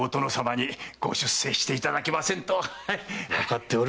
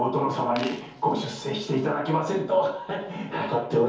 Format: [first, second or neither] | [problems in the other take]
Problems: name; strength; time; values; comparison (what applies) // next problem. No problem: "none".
first | background sound (Coin (dropping)); 18 dB below the speech // room echo; dies away in 0.6 s